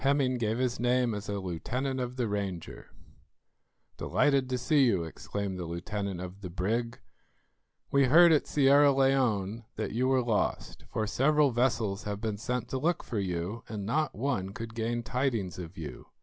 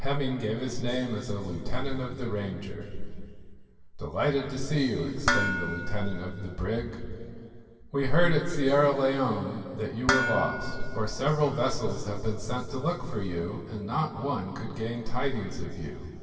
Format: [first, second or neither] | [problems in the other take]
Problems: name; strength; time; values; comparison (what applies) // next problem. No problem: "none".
first | background sound (Dishes, pots, and pans); 5 dB below the speech // room echo; dies away in 2.6 s